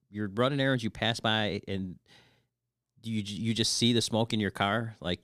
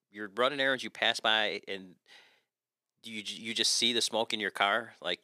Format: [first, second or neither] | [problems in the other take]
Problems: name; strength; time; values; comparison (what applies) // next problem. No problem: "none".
first | thin; somewhat; fading below 450 Hz